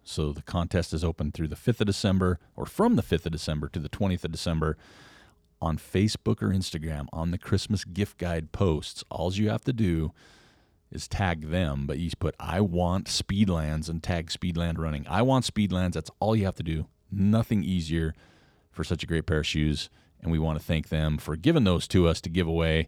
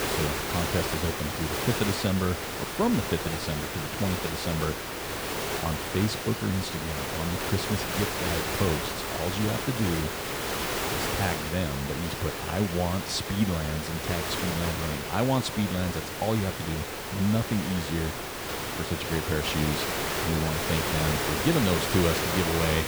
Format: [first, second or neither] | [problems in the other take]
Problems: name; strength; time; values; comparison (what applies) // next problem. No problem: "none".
first | hiss; loud; throughout; as loud as the speech